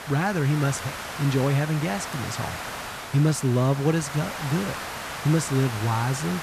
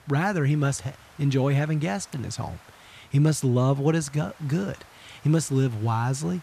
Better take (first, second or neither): second